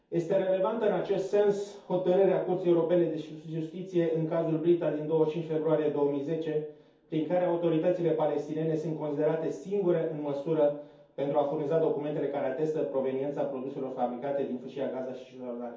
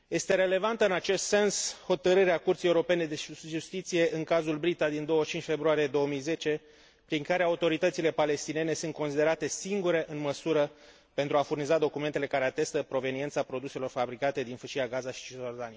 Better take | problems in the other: second | room echo; dies away in 0.6 s

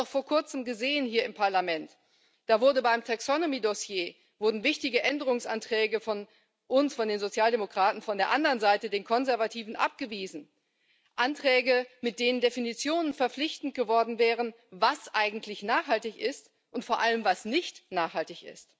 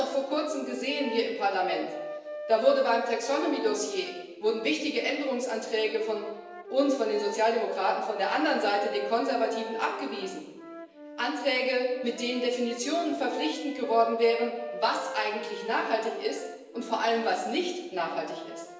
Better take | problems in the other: first | background sound (Wind instrument, woodwind instrument); 11 dB below the speech // room echo; dies away in 1 s

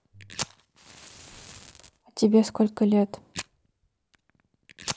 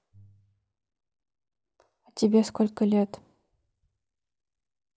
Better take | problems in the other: second | background sound (Fire); 14 dB below the speech

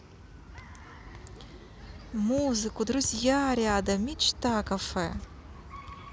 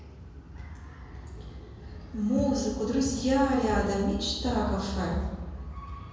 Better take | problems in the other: first | room echo; dies away in 1.2 s

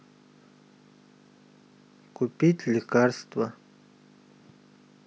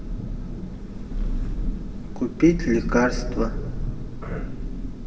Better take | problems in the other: first | background sound (Thunder); 1 dB below the speech // room echo; dies away in 1.7 s

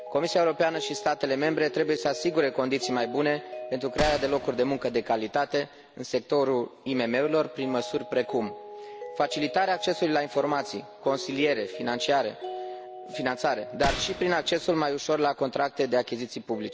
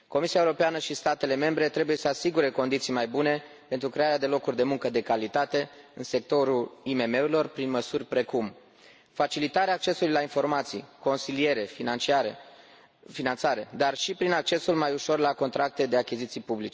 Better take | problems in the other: second | background sound (Gunshot, gunfire + Mallet percussion); 11 dB below the speech

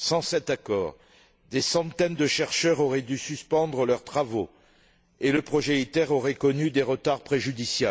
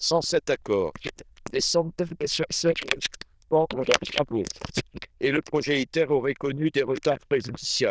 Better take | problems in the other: first | noise reduction (neural diffusion model UNIVERSE++)

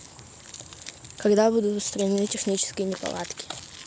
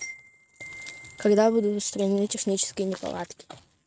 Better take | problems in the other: first | noise reduction (neural mask model RNNoise)

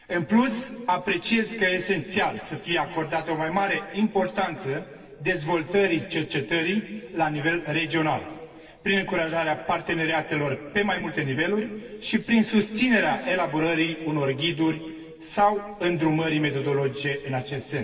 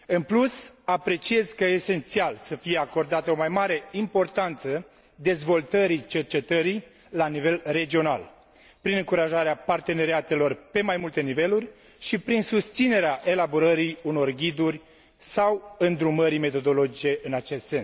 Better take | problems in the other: second | room echo; dies away in 1.9 s

